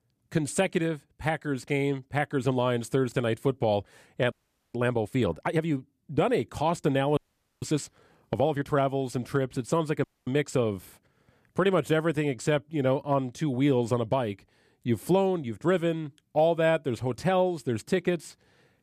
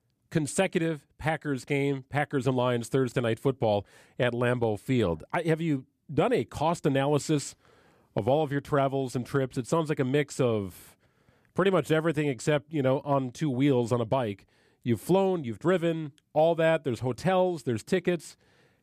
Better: second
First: audio freezing; at 4.5 s, at 7 s and at 10 s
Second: none

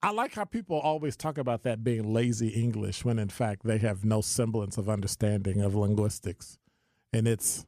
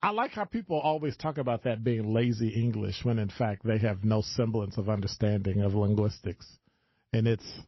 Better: first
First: none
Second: garbled, watery; slightly; nothing above 6 kHz

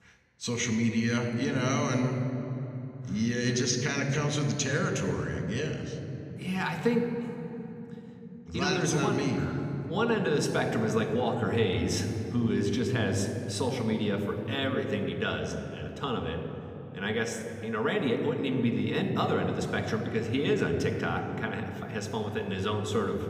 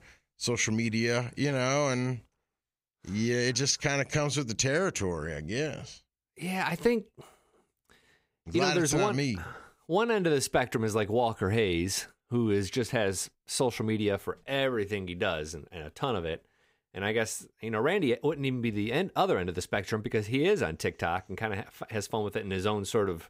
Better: second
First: room echo; noticeable; dies away in 3 s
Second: none

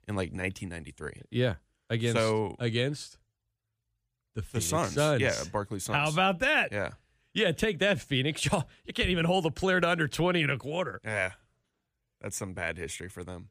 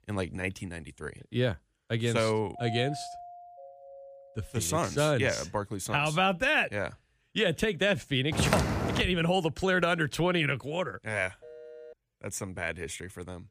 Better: first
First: none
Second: doorbell; noticeable; from 2.5 to 4.5 s; peak 9 dB below the speech // footsteps; loud; at 8.5 s; peak 1 dB above the speech // phone ringing; faint; at 11 s; peak 20 dB below the speech

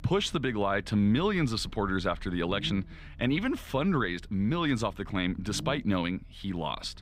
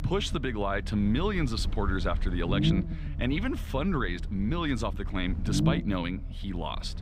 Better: first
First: low rumble; faint; throughout; 25 dB below the speech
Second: low rumble; loud; throughout; 9 dB below the speech

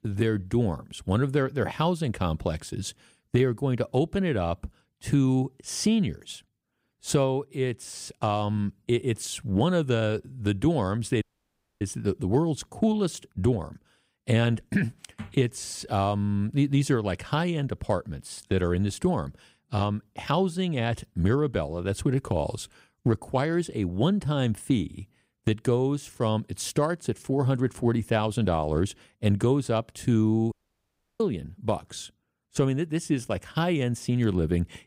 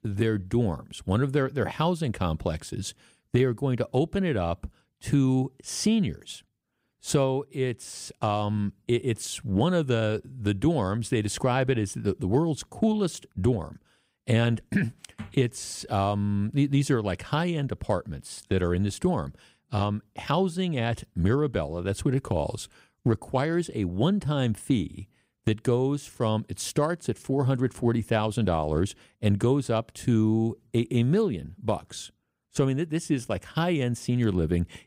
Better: second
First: audio cutting out; at 11 s for 0.5 s and at 31 s for 0.5 s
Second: none

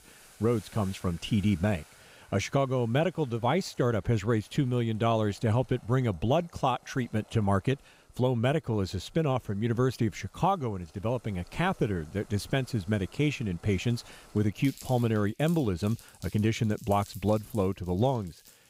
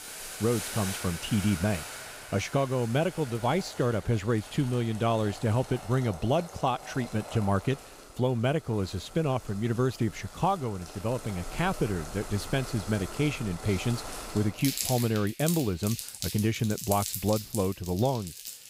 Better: first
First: household noises; faint; throughout; 25 dB below the speech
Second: household noises; loud; throughout; 9 dB below the speech

